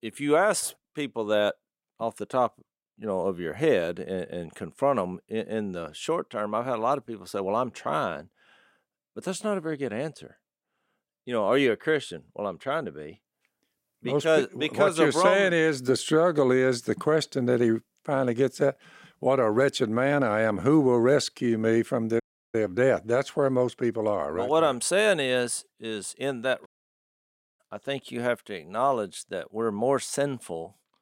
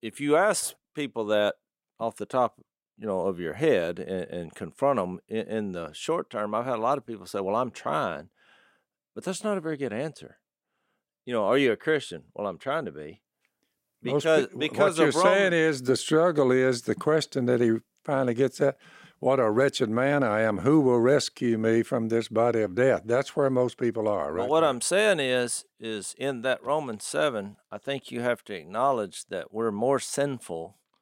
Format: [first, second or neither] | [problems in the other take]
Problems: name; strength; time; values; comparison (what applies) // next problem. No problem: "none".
second | audio cutting out; at 22 s and at 27 s for 1 s